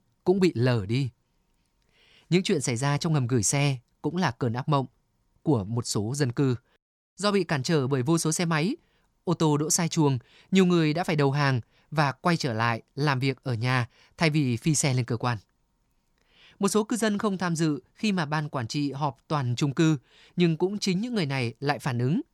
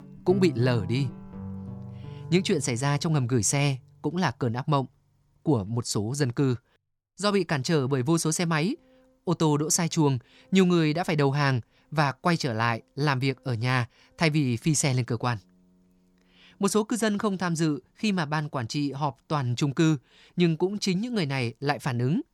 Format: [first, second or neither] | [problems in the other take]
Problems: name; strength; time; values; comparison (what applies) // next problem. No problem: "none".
first | background music; noticeable; throughout; 15 dB below the speech